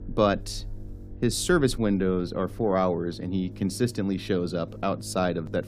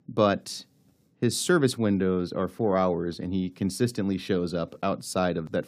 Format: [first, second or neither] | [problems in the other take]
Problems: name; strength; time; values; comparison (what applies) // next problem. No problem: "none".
second | low rumble; faint; throughout; 25 dB below the speech